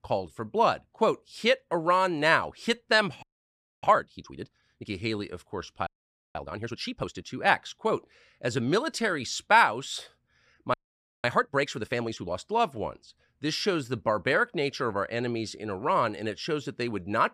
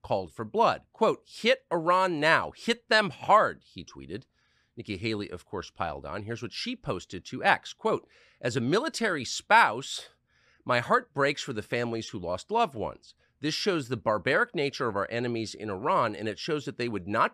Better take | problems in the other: second | audio freezing; at 3 s for 0.5 s, at 6 s and at 11 s for 0.5 s

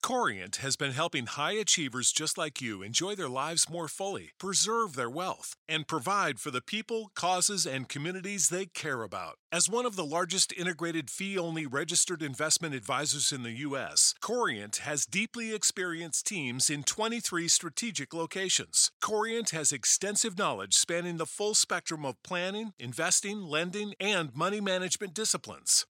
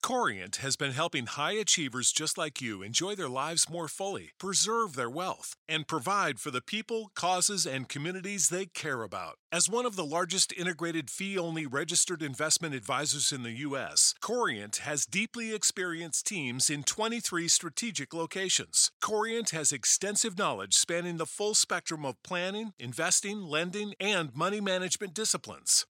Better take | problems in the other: neither | thin; somewhat; fading below 550 Hz; the same in both

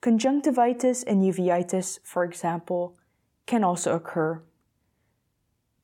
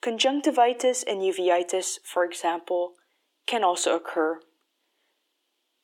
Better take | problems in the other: first | thin; somewhat; fading below 300 Hz

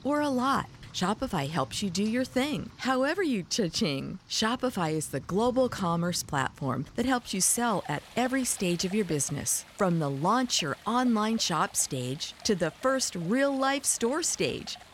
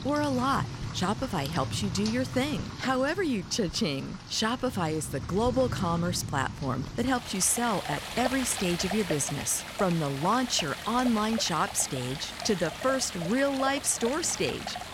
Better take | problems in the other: first | rain or running water; loud; throughout; 8 dB below the speech; faint in the first

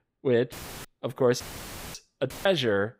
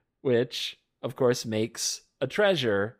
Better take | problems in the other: second | audio cutting out; filled with static; at 0.5 s, at 1.5 s for 0.5 s and at 2.5 s

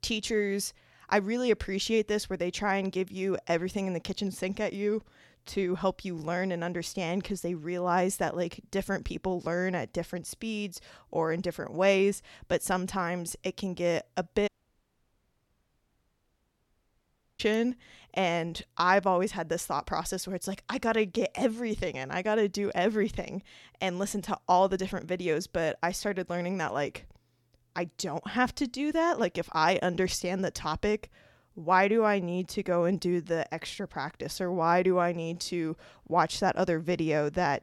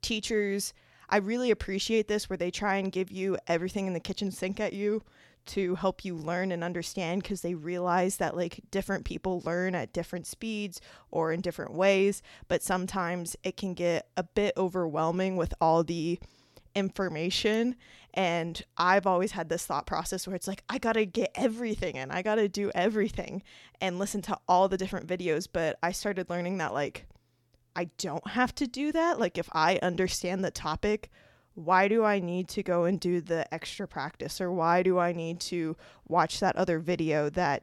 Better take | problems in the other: second | audio cutting out; at 14 s for 3 s

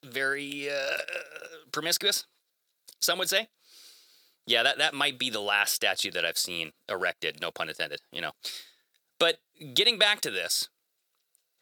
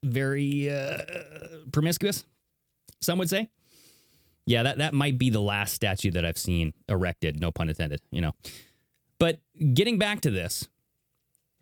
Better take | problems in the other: second | thin; very; fading below 600 Hz

